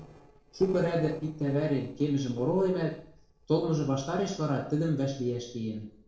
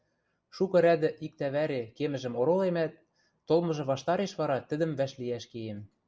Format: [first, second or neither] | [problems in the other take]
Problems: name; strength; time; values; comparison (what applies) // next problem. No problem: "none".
second | noise reduction (neural separator model SepFormer DNS4)